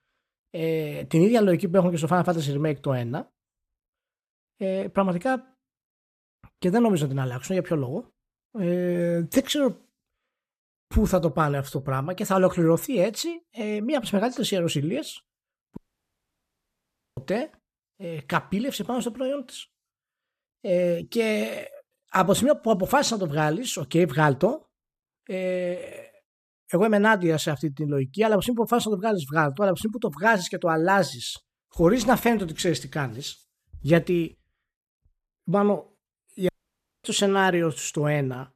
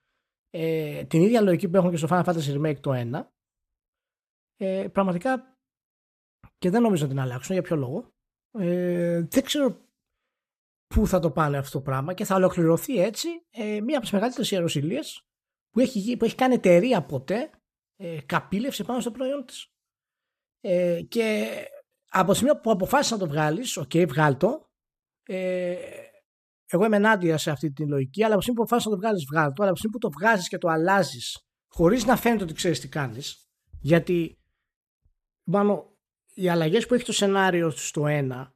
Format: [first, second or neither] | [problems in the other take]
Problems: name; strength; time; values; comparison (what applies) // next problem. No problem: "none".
second | audio cutting out; at 16 s for 1.5 s and at 36 s for 0.5 s